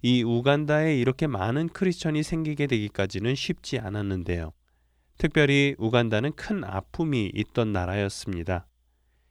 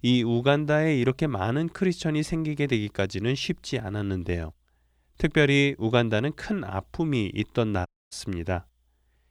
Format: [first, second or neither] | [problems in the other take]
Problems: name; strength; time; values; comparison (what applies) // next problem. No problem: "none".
first | audio cutting out; at 8 s